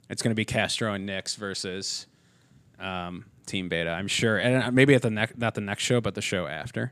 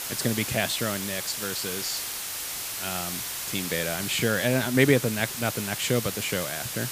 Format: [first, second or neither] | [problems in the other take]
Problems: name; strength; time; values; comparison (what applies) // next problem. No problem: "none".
first | hiss; loud; throughout; 3 dB below the speech